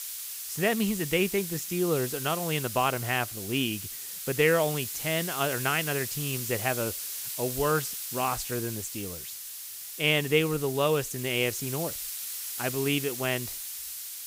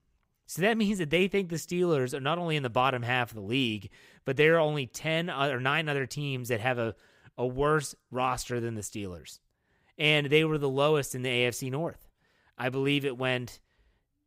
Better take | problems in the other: second | hiss; loud; throughout; 5 dB below the speech

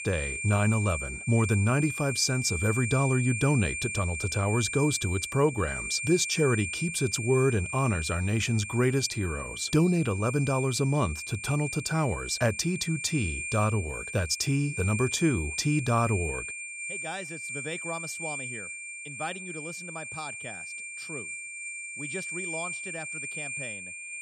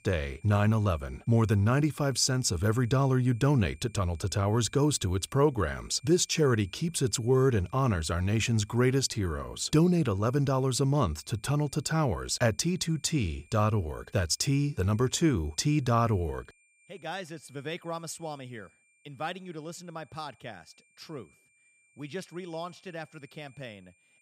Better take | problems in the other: second | high-pitched whine; loud; throughout; 2.5 kHz, 6 dB below the speech; faint in the second

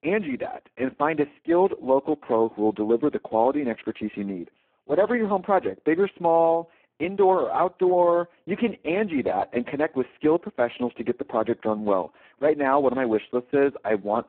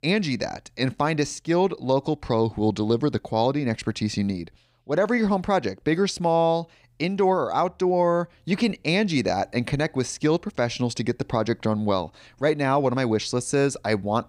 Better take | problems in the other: second | phone-call audio; poor line

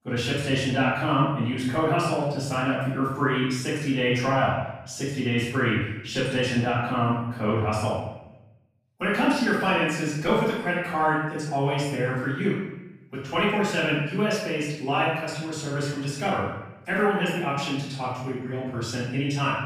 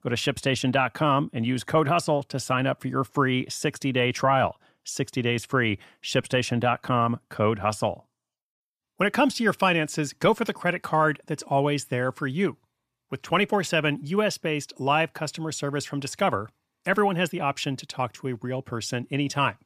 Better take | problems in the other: second | off-mic speech; far // room echo; strong; dies away in 0.8 s

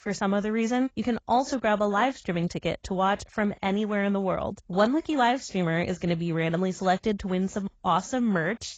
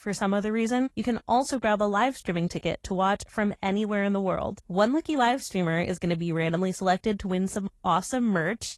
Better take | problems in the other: second | garbled, watery; badly; nothing above 7.5 kHz; slightly in the second

